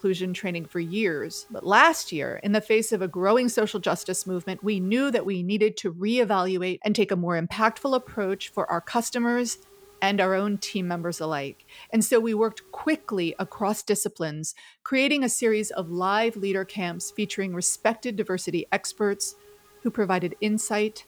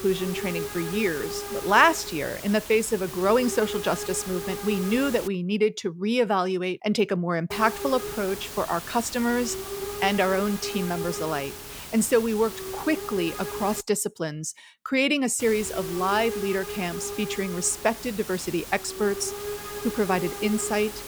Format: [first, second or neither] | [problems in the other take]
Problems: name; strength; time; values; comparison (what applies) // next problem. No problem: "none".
first | hiss; loud; until 5.5 s, from 7.5 to 14 s and from 15 s on; 8 dB below the speech; faint in the first